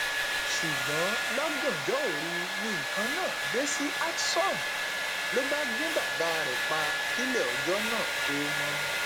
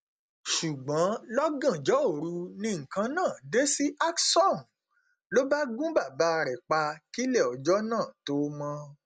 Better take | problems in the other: second | background sound (Domestic sounds, home sounds); 3 dB above the speech

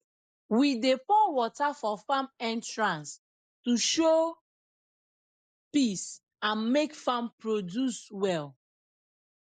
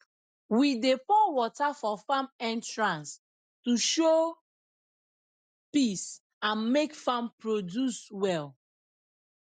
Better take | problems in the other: second | noise reduction (neural mask model Resemble Enhance denoiser)

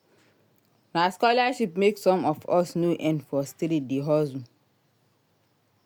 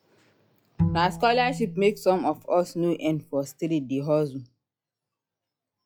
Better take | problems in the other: first | noise reduction (classical method log-MMSE)

